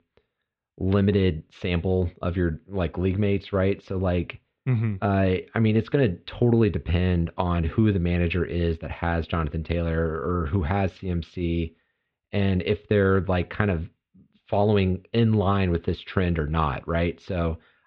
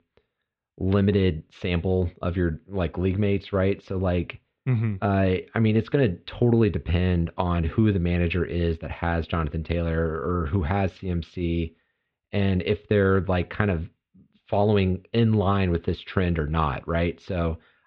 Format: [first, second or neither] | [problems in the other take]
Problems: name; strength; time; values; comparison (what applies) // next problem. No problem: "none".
neither | muffled; very; fading above 3.5 kHz; the same in both